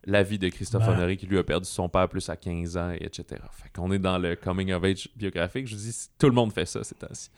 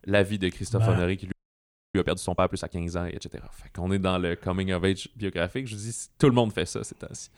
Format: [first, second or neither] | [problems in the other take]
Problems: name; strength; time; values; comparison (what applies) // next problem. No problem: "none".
first | audio freezing; at 1.5 s for 0.5 s